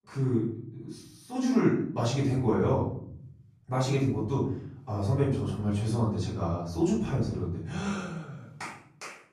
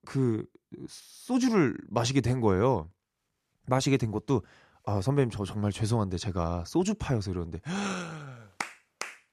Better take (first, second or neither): second